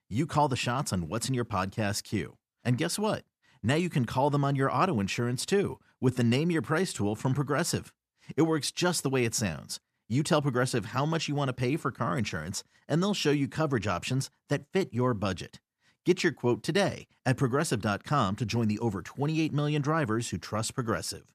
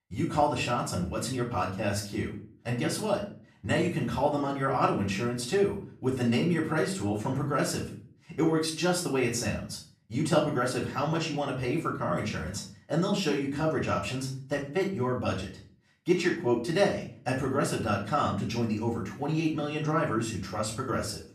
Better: first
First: none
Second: room echo; slight; dies away in 0.4 s // off-mic speech; far

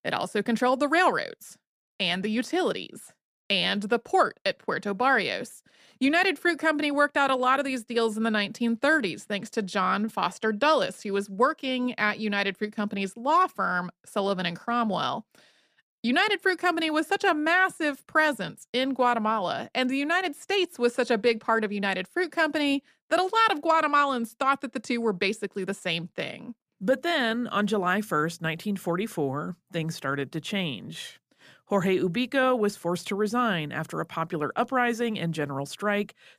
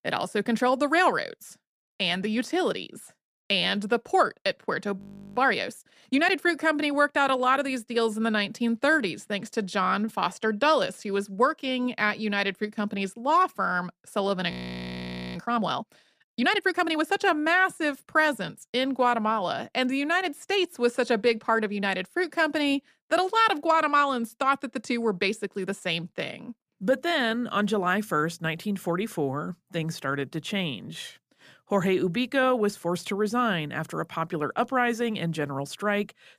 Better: first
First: none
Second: audio freezing; at 5 s and at 15 s for 1 s

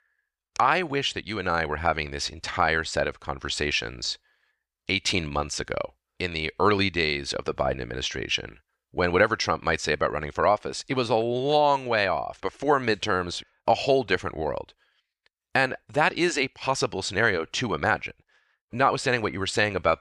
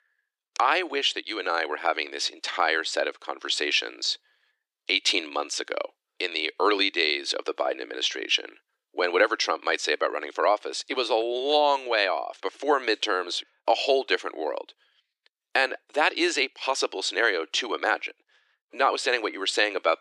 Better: first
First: none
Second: thin; somewhat; fading below 300 Hz

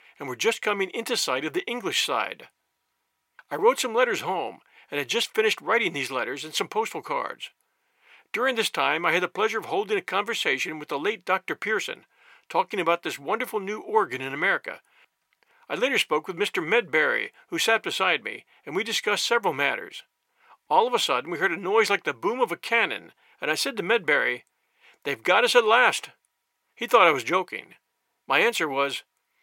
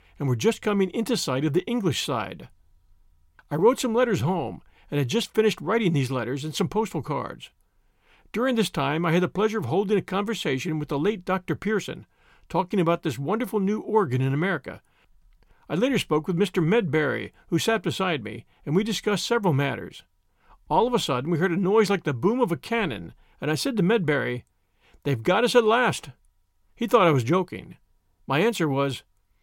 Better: second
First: thin; very; fading below 500 Hz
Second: none

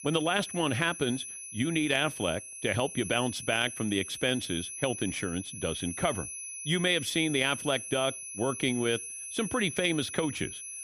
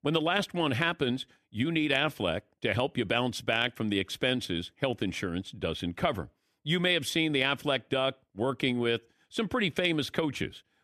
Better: second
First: high-pitched whine; loud; throughout; 10.5 kHz, 8 dB below the speech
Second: none

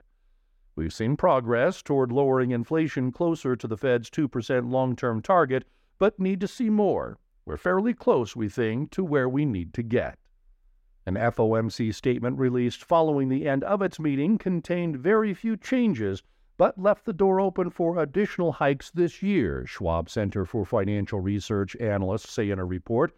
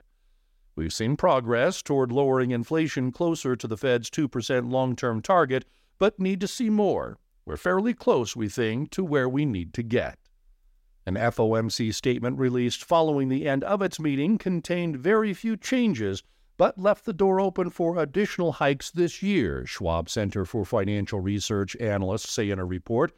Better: second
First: muffled; slightly; fading above 3 kHz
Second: none

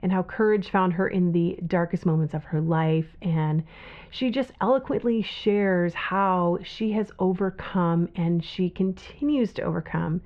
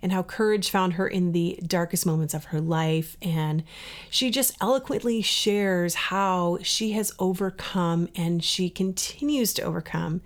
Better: second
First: muffled; very; fading above 2 kHz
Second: none

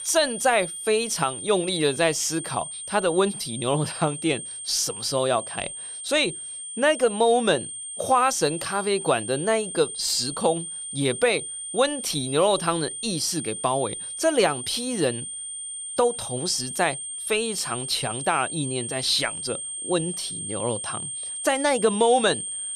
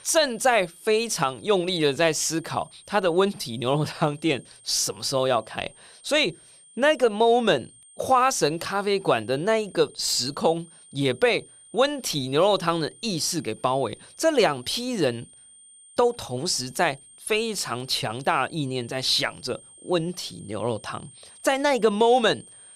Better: second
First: high-pitched whine; loud; throughout; 8.5 kHz, 7 dB below the speech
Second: high-pitched whine; faint; throughout; 8.5 kHz, 25 dB below the speech

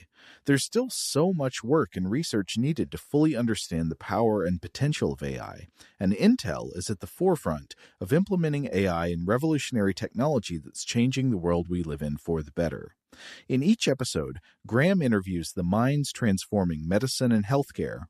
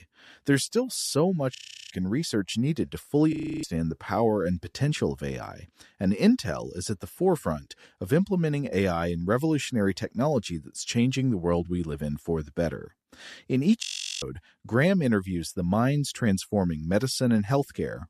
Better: first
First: none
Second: audio freezing; at 1.5 s, at 3.5 s and at 14 s

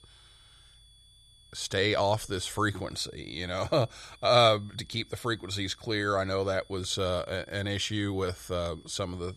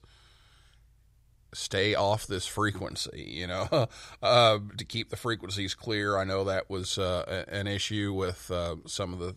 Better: second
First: high-pitched whine; faint; throughout; 3.5 kHz, 30 dB below the speech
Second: none

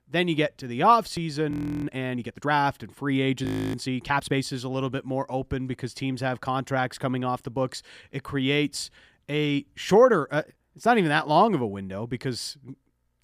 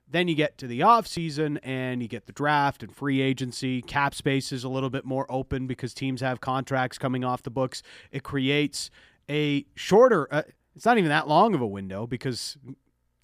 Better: second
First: audio freezing; at 1.5 s and at 3.5 s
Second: none

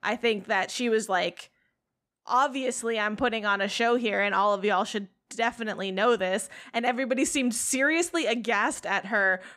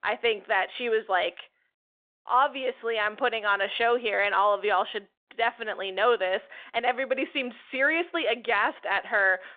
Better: first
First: none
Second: phone-call audio

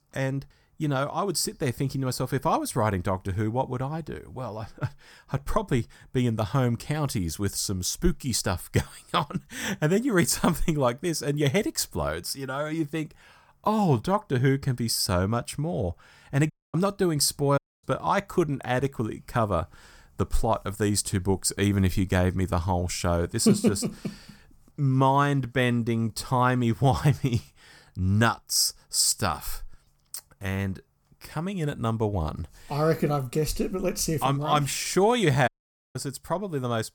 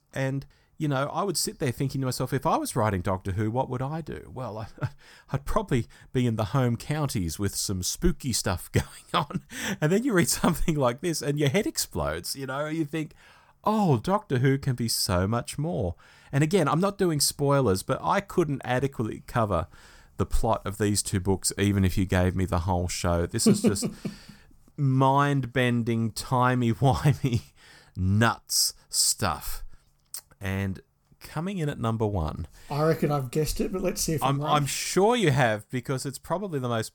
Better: second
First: audio cutting out; at 17 s, at 18 s and at 35 s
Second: none

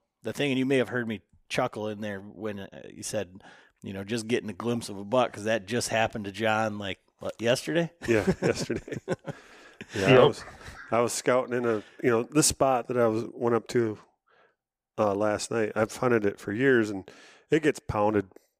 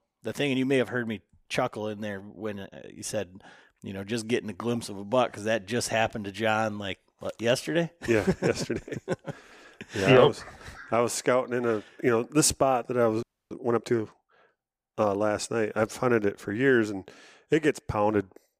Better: first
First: none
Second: audio freezing; at 13 s

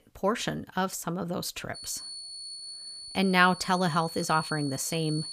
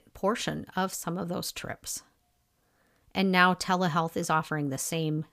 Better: second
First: high-pitched whine; noticeable; from 2 s on; 4.5 kHz, 10 dB below the speech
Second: none

